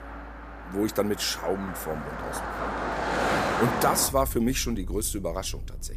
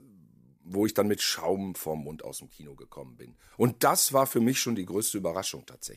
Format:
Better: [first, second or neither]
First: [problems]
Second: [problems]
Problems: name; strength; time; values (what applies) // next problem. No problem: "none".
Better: second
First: traffic noise; loud; throughout; 4 dB below the speech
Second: none